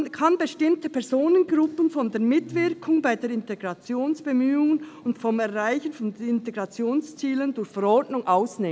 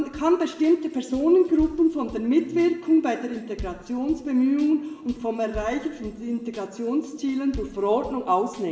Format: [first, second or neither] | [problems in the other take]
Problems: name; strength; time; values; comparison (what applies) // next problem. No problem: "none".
first | background sound (Drum kit); 19 dB below the speech // room echo; dies away in 0.9 s